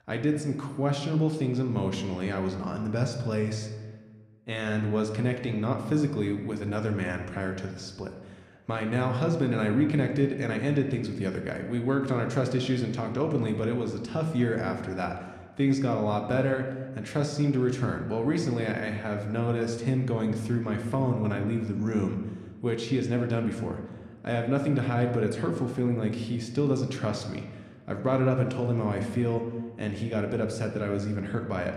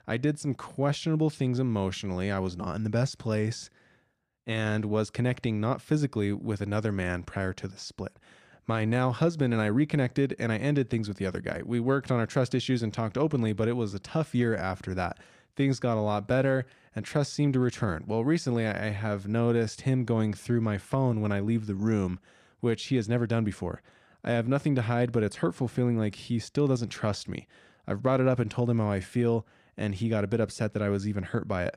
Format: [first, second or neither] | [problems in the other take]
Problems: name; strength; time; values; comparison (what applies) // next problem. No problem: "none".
second | room echo; slight; dies away in 1.1 s